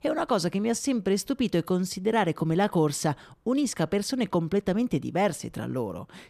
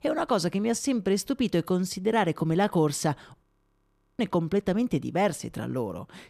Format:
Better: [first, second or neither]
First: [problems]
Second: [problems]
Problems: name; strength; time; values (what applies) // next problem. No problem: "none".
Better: first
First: none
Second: audio freezing; at 3.5 s for 1 s